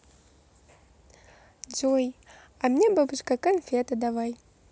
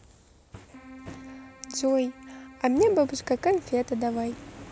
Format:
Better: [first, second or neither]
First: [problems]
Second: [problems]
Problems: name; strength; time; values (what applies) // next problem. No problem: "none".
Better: first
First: none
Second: background sound (Keyboard (musical) + Fire); 17 dB below the speech